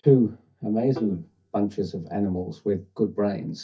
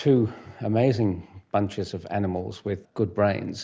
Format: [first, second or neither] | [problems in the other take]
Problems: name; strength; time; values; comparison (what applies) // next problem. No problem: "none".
second | noise reduction (neural mask model DeepFilterNet 3)